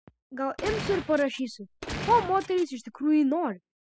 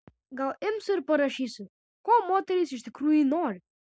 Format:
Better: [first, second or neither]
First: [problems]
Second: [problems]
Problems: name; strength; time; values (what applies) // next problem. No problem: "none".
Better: second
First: noise reduction (classical method spectral subtraction)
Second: none